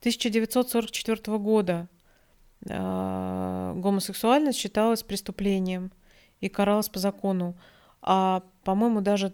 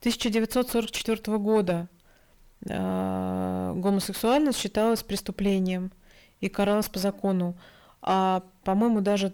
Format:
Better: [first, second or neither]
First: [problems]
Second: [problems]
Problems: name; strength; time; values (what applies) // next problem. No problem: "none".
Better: first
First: none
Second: distortion; slight; 10 dB below the speech